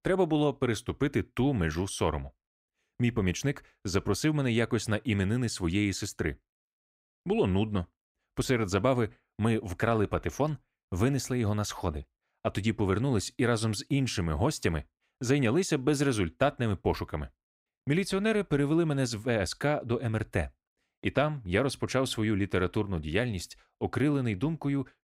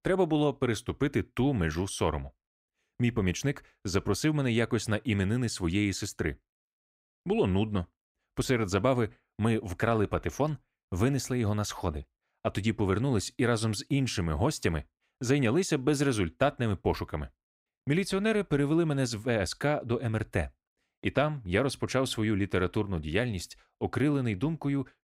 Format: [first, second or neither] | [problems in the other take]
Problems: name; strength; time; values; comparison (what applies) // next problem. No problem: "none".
neither | none